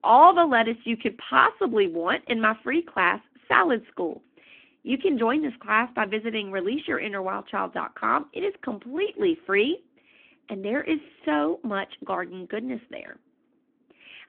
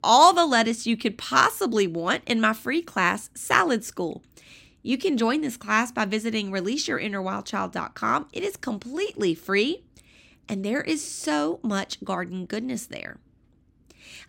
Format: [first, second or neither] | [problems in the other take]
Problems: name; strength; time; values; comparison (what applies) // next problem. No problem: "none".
second | phone-call audio